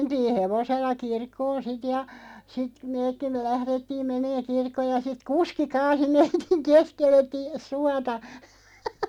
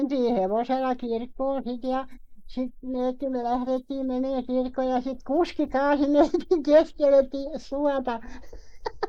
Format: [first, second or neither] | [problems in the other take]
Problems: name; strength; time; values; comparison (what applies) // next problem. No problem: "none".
first | noise reduction (neural mask model Resemble Enhance denoiser)